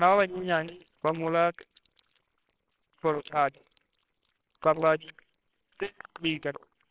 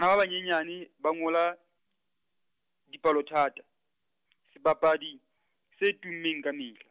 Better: second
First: noise reduction (neural separator model SepFormer WHAMR!)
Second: none

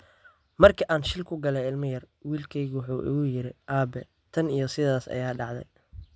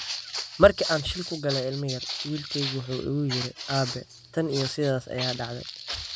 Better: first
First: none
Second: background sound (Walk, footsteps); 8 dB below the speech

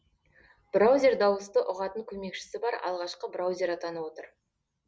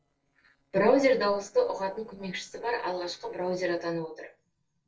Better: first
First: none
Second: noise reduction (neural separator model SepFormer DNS4)

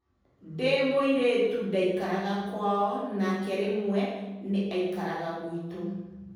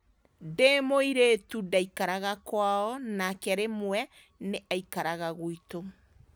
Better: second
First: room echo; dies away in 1.3 s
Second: none

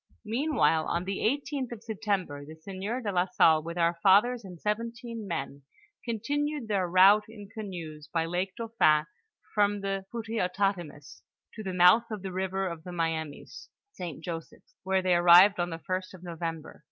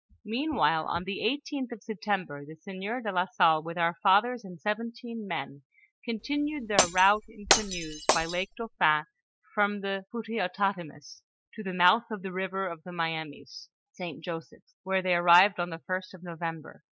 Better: first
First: none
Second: noise reduction (classical method spectral subtraction)

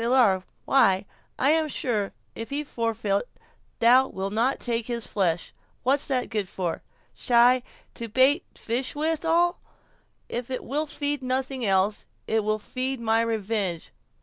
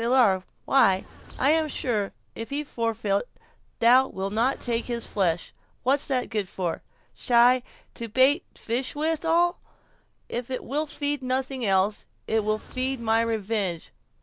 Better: first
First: none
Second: background sound (Bird); 18 dB below the speech

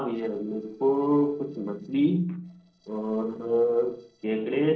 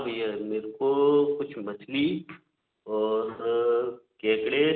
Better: second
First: noise reduction (neural separator model SepFormer DNS4)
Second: none

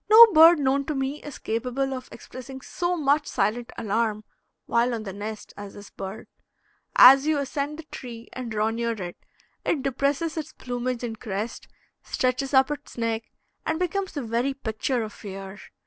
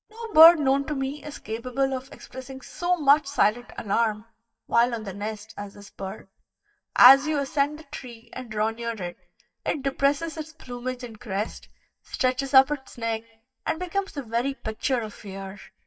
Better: first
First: none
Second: noise reduction (neural mask model DeepFilterNet 3)

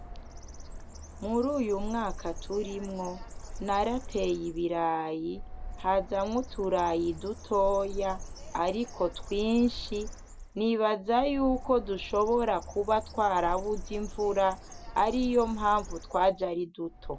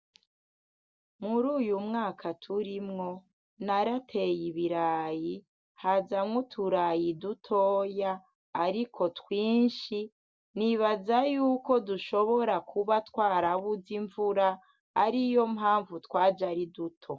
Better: second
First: background sound (Bird); 11 dB below the speech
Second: none

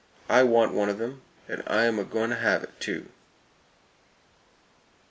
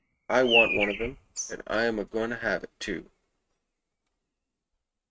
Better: first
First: none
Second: noise reduction (neural mask model RNNoise)

